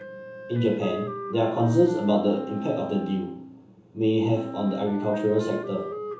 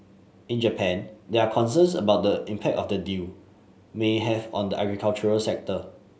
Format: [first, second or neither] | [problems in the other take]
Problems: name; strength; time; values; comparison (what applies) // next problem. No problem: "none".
second | background sound (Wind instrument, woodwind instrument); 11 dB below the speech // room echo; dies away in 0.8 s